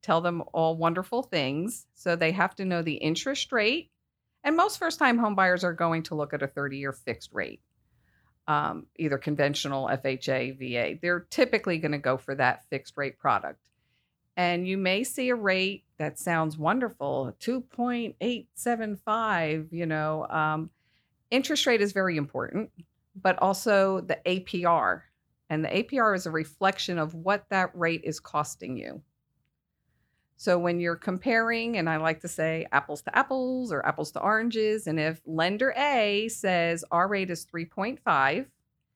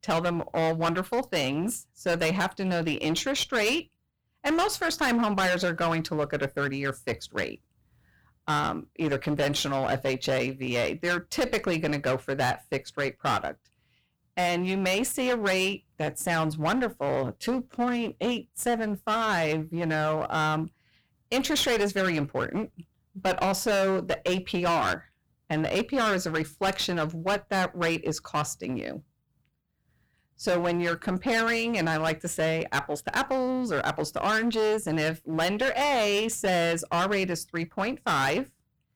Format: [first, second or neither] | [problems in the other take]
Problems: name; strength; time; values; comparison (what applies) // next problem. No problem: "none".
first | distortion; heavy; 17% of the sound clipped